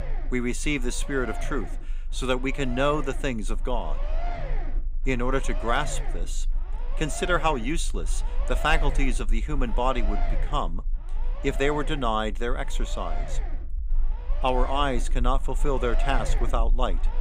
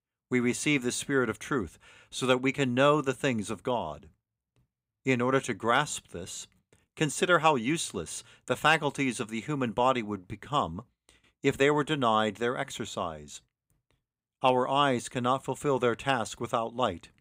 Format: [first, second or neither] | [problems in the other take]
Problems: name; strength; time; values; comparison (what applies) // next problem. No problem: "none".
second | low rumble; noticeable; throughout; 10 dB below the speech